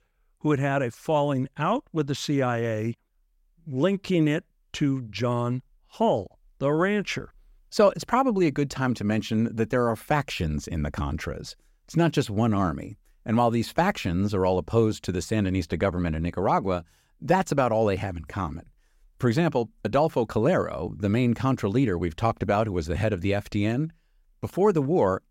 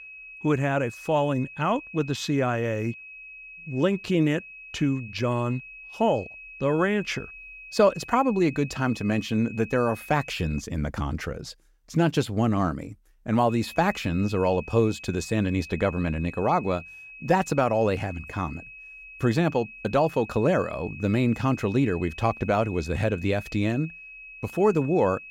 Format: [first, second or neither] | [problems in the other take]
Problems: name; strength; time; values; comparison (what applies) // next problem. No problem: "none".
first | high-pitched whine; noticeable; until 11 s and from 13 s on; 2.5 kHz, 15 dB below the speech